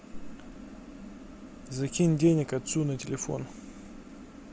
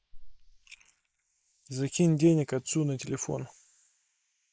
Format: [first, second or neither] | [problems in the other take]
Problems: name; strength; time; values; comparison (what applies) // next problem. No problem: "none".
first | noise reduction (neural mask model Resemble Enhance denoiser)